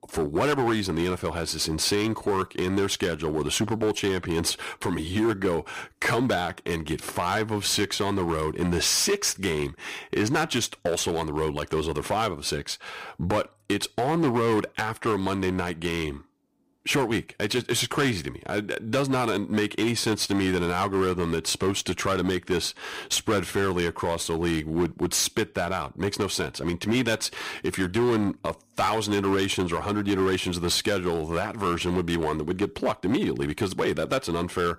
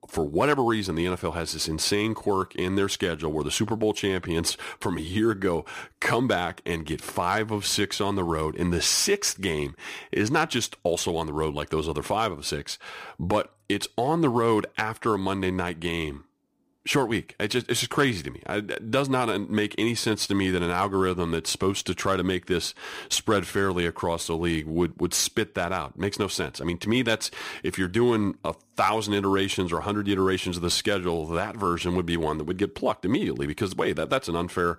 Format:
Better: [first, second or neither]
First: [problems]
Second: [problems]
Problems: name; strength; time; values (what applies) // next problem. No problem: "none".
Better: second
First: distortion; slight; 7% of the sound clipped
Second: none